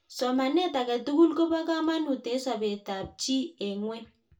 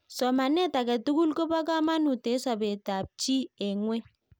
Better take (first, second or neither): second